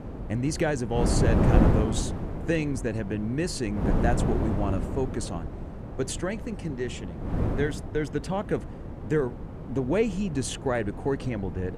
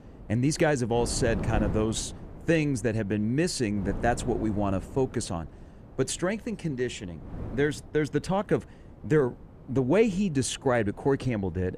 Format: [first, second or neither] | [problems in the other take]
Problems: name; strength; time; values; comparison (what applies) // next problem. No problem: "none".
second | wind noise on the microphone; heavy; 5 dB below the speech; occasional gusts in the second